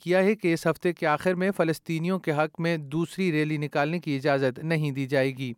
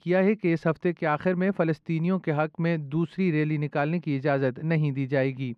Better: first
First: none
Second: muffled; slightly; fading above 3 kHz

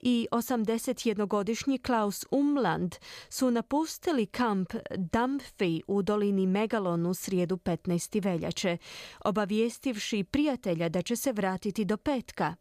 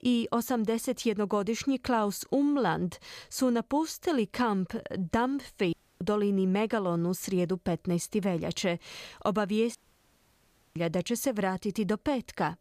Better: first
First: none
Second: audio cutting out; at 5.5 s and at 10 s for 1 s

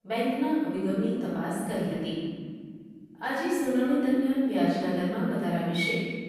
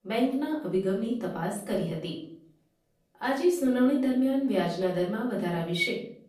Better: second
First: room echo; strong; dies away in 2 s // off-mic speech; far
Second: room echo; slight; dies away in 0.5 s // off-mic speech; far

